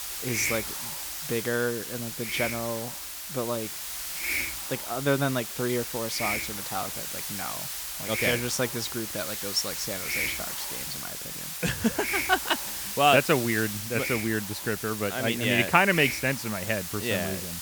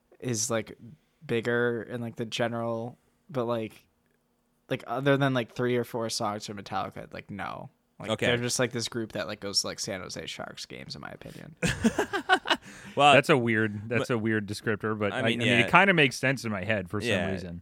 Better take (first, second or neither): second